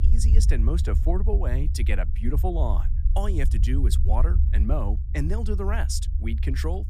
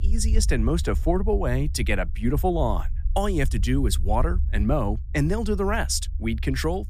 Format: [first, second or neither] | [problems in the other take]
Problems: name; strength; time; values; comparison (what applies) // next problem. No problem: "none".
second | low rumble; loud; throughout; 10 dB below the speech; faint in the second